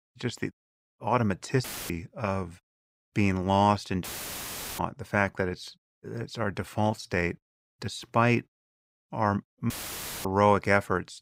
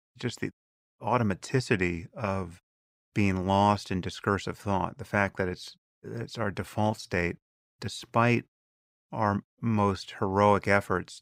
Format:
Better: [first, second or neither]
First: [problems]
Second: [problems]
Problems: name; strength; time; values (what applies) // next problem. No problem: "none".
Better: second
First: audio cutting out; filled with static; at 1.5 s, at 4 s for 1 s and at 9.5 s for 0.5 s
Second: none